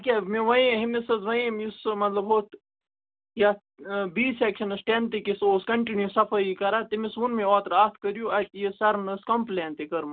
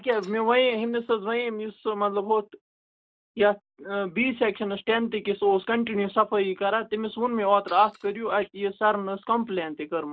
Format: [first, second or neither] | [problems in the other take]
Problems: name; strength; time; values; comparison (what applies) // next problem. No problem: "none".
first | noise reduction (neural mask model DeepFilterNet 3)